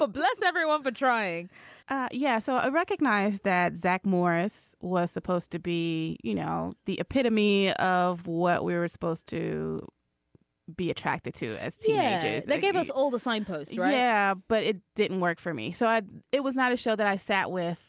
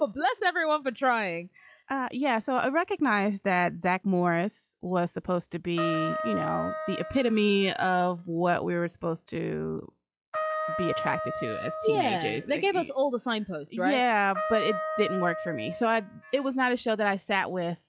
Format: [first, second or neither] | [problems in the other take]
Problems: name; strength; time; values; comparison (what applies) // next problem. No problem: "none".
first | noise reduction (classical method log-MMSE)